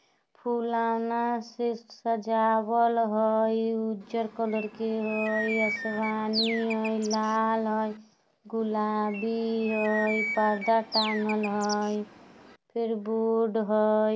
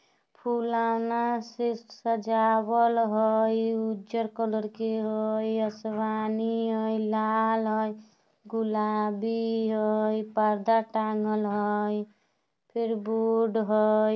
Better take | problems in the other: second | background sound (Bird); 8 dB below the speech

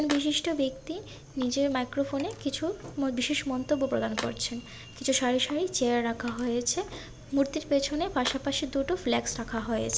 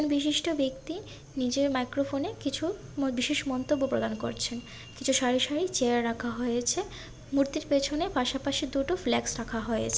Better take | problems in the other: second | background sound (Tools); 17 dB below the speech

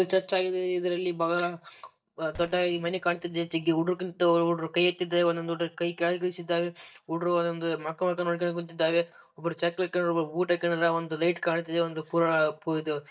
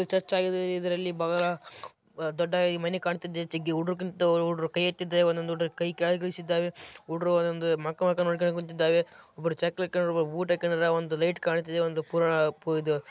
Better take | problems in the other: second | noise reduction (neural mask model DeepFilterNet 3)

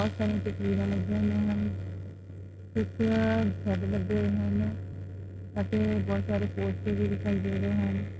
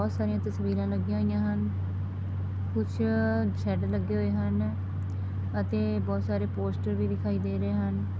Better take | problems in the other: second | noise reduction (neural mask model RNNoise)

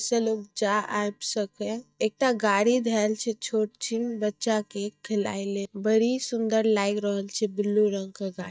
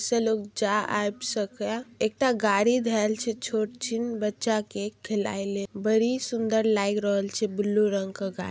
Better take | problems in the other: second | noise reduction (neural mask model DeepFilterNet 3)

